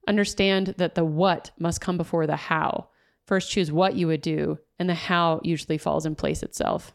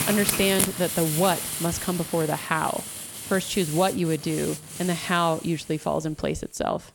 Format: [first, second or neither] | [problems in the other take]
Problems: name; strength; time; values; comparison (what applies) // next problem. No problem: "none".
first | hiss; loud; throughout; 4 dB below the speech